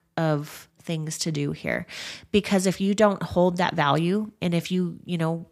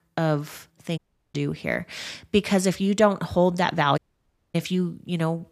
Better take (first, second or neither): first